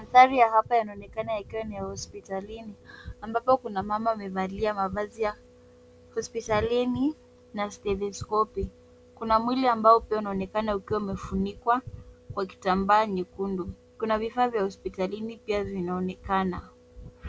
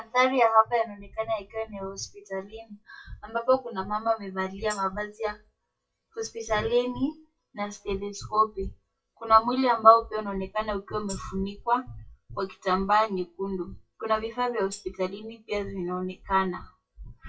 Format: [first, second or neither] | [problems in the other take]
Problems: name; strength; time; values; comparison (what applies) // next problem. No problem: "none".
first | noise reduction (classical method WPE with log-MMSE)